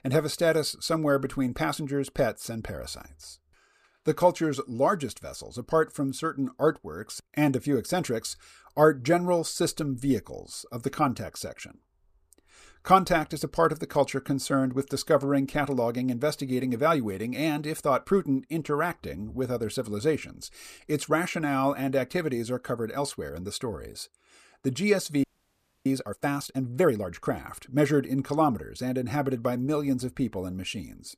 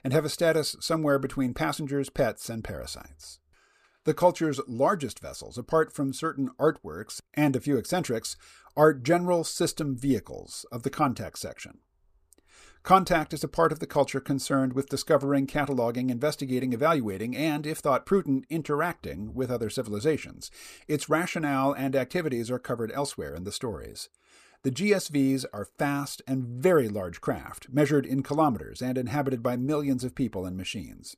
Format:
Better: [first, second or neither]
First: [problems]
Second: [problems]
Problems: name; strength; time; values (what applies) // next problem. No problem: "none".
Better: second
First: audio freezing; at 25 s for 0.5 s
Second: none